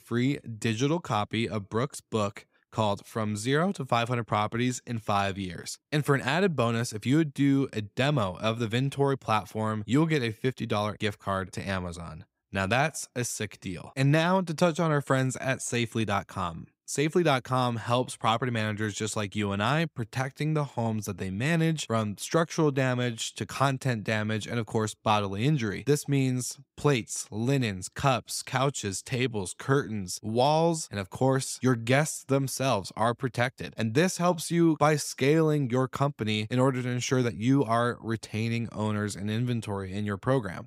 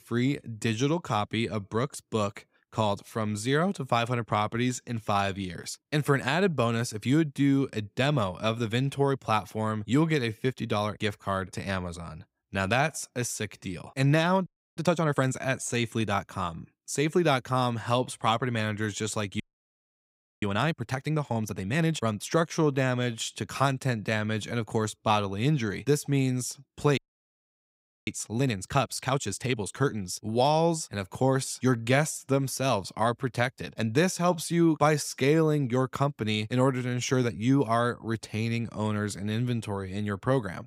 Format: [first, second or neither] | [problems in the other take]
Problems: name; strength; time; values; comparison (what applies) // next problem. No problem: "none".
first | audio freezing; at 14 s, at 19 s for 1 s and at 27 s for 1 s